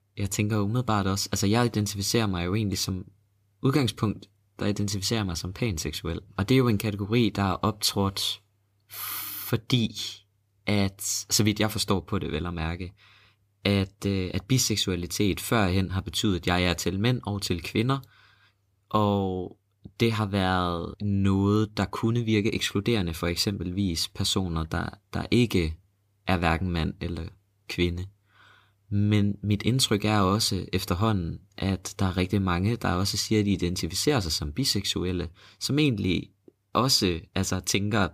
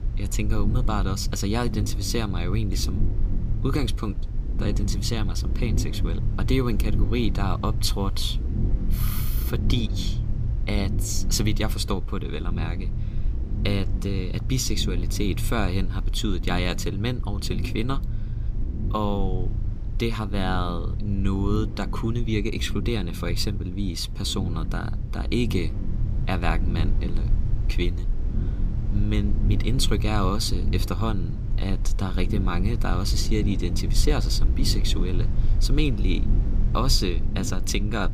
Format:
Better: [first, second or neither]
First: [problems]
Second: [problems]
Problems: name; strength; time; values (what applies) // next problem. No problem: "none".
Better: first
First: none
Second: low rumble; noticeable; throughout; 10 dB below the speech